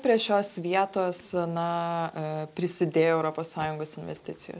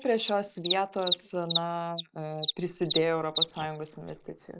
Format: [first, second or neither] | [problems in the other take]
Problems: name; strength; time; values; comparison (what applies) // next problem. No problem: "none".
first | noise reduction (neural mask model Resemble Enhance denoiser)